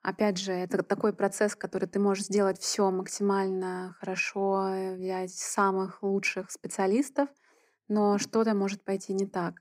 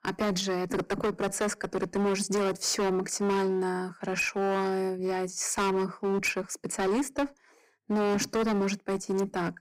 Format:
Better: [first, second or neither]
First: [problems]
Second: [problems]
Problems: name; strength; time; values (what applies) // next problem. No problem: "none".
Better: first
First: none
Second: distortion; heavy; 17% of the sound clipped